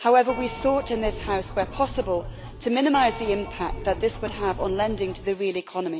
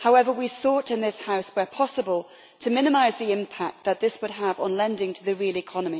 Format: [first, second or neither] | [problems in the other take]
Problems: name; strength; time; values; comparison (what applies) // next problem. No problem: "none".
second | background sound (Keyboard (musical)); 10 dB below the speech